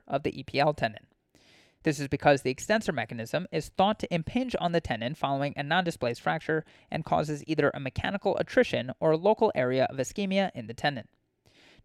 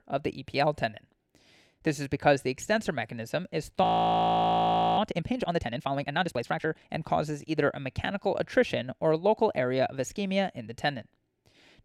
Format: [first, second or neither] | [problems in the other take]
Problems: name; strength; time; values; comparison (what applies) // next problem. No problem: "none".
first | audio freezing; at 4 s for 1 s